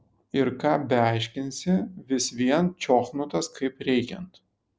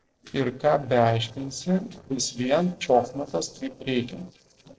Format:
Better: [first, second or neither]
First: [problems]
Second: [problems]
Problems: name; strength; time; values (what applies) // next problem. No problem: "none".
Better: first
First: none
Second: noise reduction (neural separator model SepFormer DNS4)